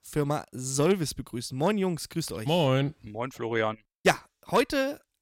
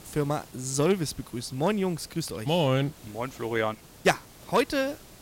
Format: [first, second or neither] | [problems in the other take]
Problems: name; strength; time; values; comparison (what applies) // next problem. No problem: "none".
first | hiss; faint; throughout; 20 dB below the speech